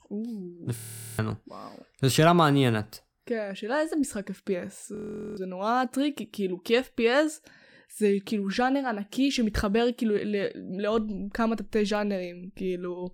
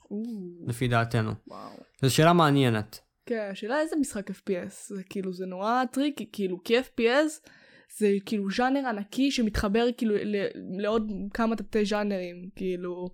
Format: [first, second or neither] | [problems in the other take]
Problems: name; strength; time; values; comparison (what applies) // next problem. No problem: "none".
second | audio freezing; at 1 s and at 5 s